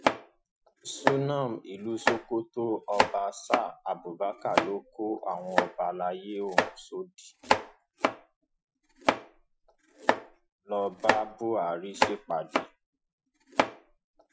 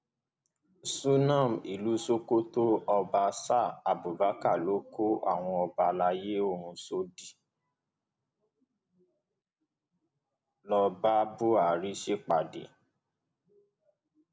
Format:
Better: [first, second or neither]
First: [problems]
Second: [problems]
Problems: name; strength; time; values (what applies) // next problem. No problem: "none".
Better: second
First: noise reduction (classical method Wiener filter)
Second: none